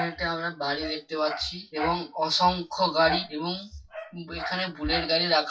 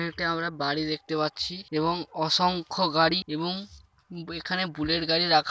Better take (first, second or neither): second